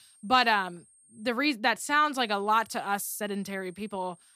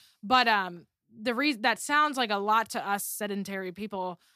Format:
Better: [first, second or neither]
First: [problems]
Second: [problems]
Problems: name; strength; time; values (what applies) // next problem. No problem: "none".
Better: second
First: high-pitched whine; faint; until 1.5 s and from 2 s on; 8.5 kHz, 30 dB below the speech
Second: none